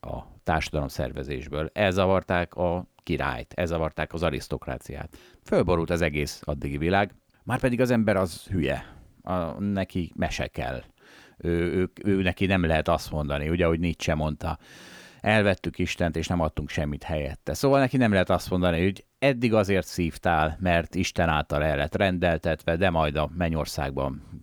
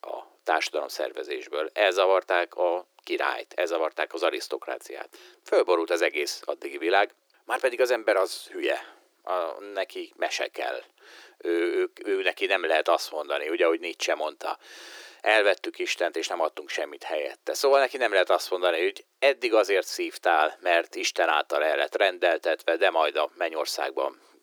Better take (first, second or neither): first